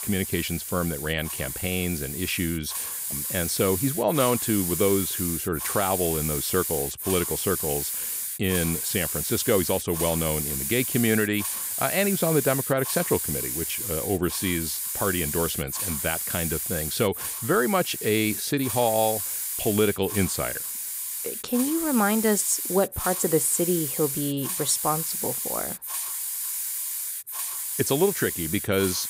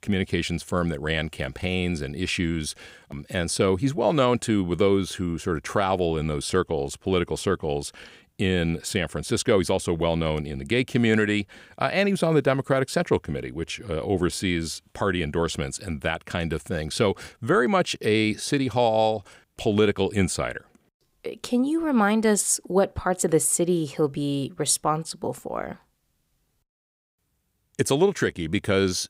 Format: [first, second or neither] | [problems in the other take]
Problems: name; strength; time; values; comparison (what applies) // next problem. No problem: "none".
second | hiss; loud; throughout; 2 dB below the speech